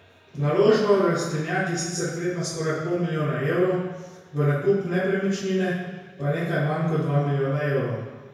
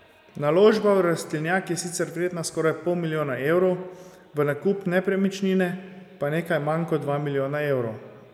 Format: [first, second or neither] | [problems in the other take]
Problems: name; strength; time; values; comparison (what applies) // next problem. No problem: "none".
second | room echo; dies away in 1 s